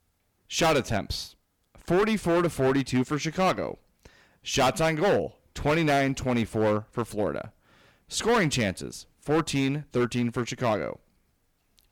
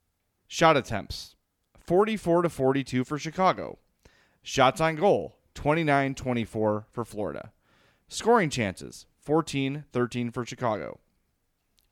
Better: second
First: distortion; heavy; 8% of the sound clipped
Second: none

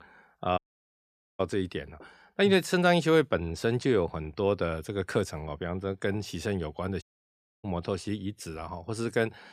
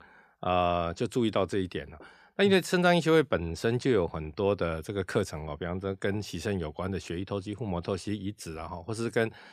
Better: second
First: audio cutting out; at 0.5 s for 1 s and at 7 s for 0.5 s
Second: none

